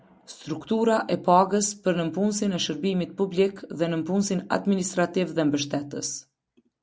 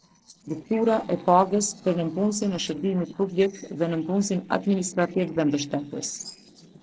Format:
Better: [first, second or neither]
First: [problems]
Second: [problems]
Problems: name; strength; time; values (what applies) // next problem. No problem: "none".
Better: first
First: none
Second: noise reduction (neural separator model SepFormer DNS4)